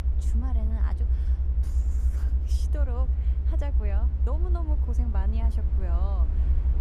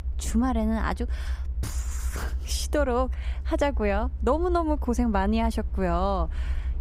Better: second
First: low rumble; loud; throughout; 3 dB below the speech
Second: low rumble; faint; throughout; 25 dB below the speech

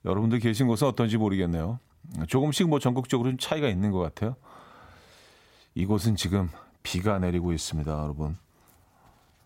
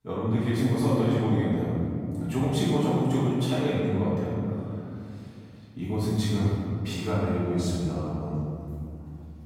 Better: first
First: none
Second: room echo; strong; dies away in 2.6 s // off-mic speech; far

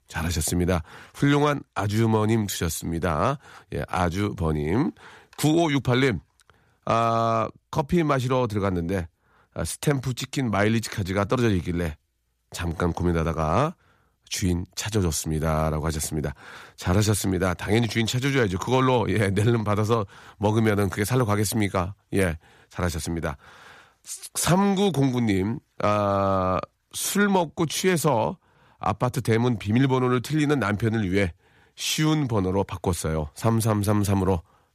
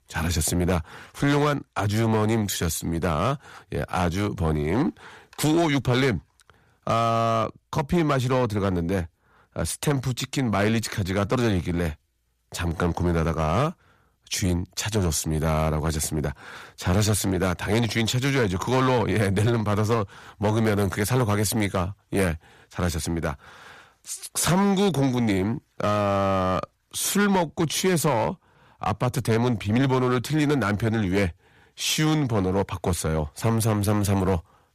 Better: first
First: none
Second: distortion; slight; 8% of the sound clipped

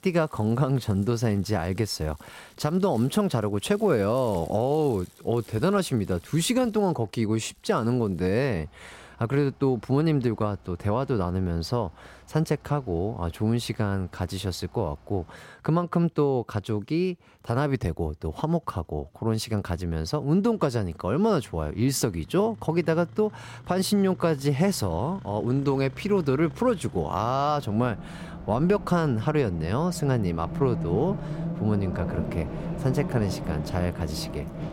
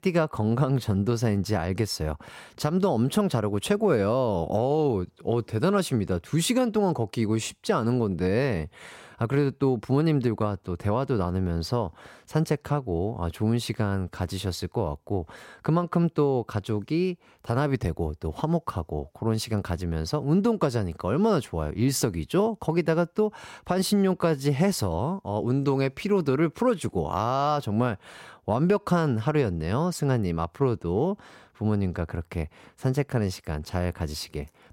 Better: second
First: traffic noise; noticeable; throughout; 10 dB below the speech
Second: none

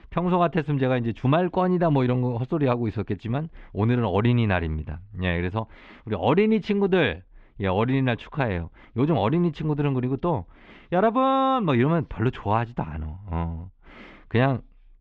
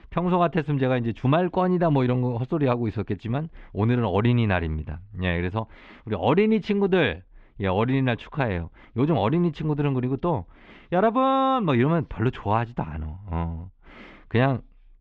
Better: neither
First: muffled; slightly; fading above 3.5 kHz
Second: muffled; slightly; fading above 3.5 kHz

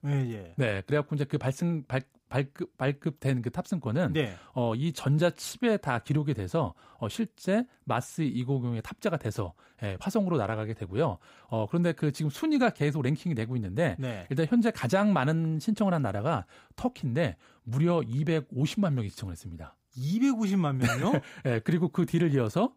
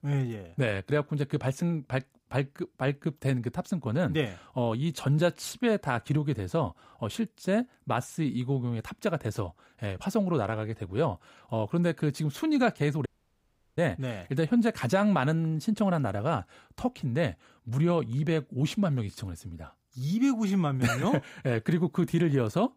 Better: first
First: none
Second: audio cutting out; at 13 s for 0.5 s

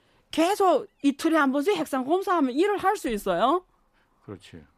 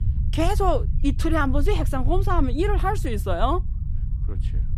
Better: first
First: none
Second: low rumble; noticeable; throughout; 20 dB below the speech

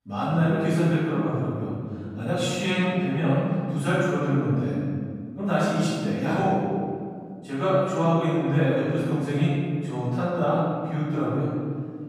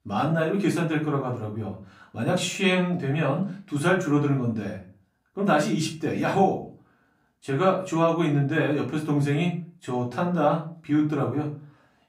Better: second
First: room echo; strong; dies away in 2.1 s // off-mic speech; far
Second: room echo; slight; dies away in 0.3 s // off-mic speech; far

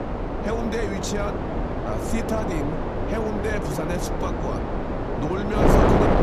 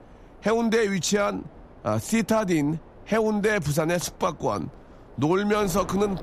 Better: second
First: wind noise on the microphone; heavy; 4 dB above the speech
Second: wind noise on the microphone; occasional gusts; 20 dB below the speech

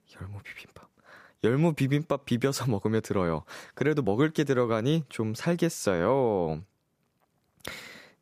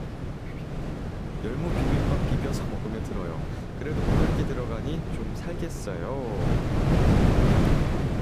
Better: first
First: none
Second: wind noise on the microphone; heavy; 5 dB above the speech

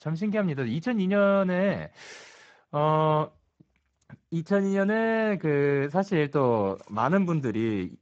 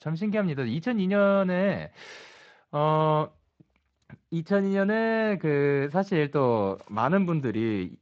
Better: second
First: garbled, watery; badly; nothing above 7.5 kHz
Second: garbled, watery; slightly

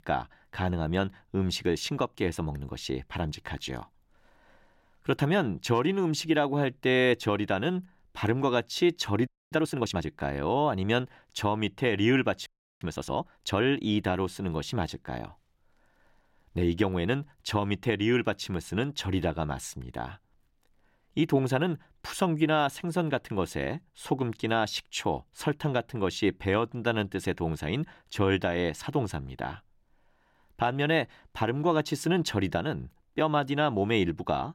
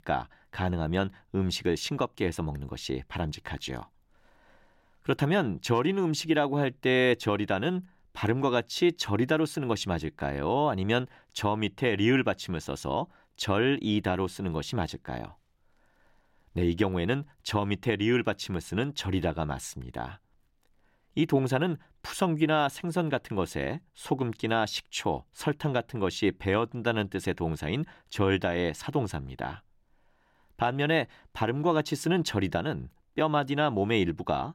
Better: second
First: audio freezing; at 9.5 s and at 12 s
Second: none

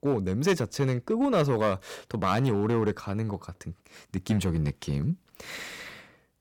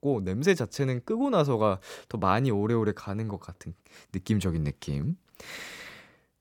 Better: second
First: distortion; slight; 3% of the sound clipped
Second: none

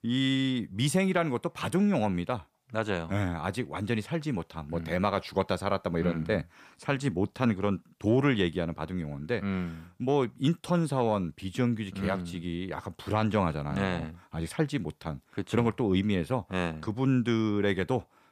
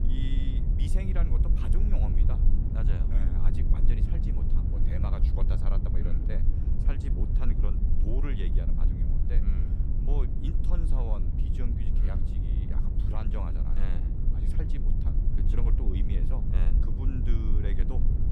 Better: first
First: none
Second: low rumble; loud; throughout; as loud as the speech

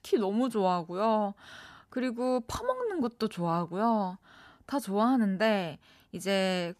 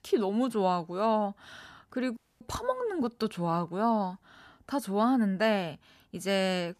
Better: first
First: none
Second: audio cutting out; at 2 s

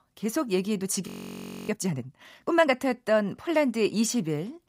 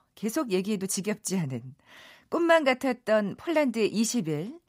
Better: second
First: audio freezing; at 1 s for 0.5 s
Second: none

